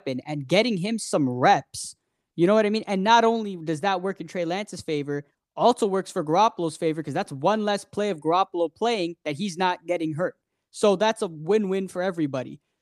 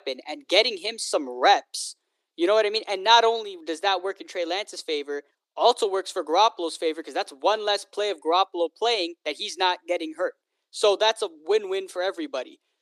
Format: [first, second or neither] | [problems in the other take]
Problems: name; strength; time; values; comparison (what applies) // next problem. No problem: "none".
first | thin; very; fading below 350 Hz